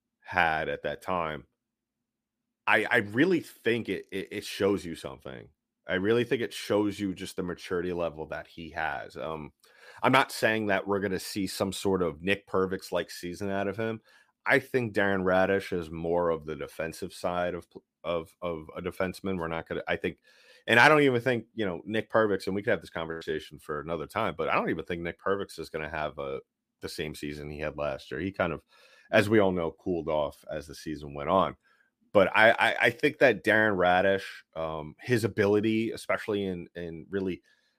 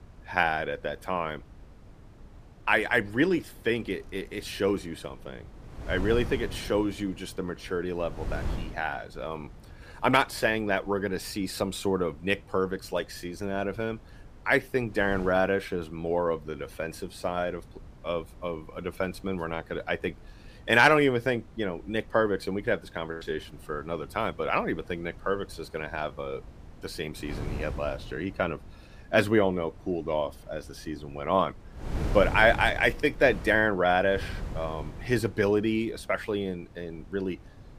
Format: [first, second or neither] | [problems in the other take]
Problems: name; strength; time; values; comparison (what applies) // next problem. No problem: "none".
first | wind noise on the microphone; occasional gusts; 20 dB below the speech